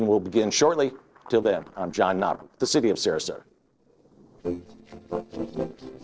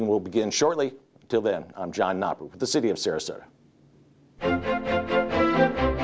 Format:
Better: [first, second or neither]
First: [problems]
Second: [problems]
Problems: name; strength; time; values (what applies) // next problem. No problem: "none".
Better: second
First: noise reduction (neural separator model SepFormer DNS4)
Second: none